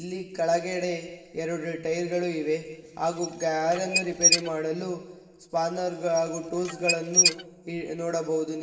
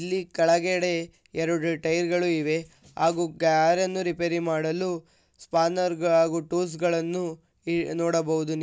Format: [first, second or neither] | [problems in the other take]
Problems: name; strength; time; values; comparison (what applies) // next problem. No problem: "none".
second | background sound (Squeak / Dishes, pots, and pans); 1 dB above the speech // room echo; dies away in 2.2 s